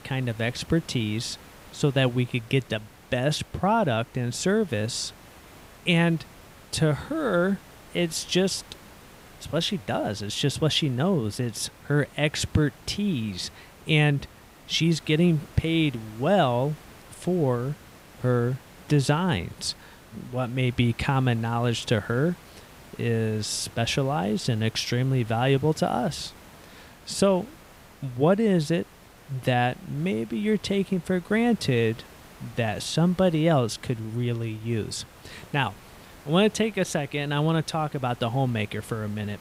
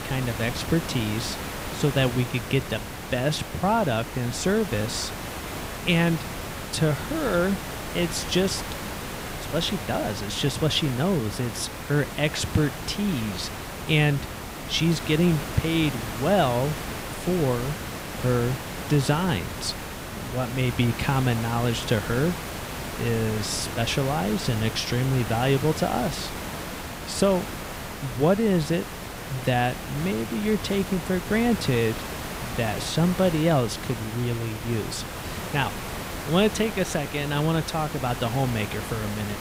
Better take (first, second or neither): first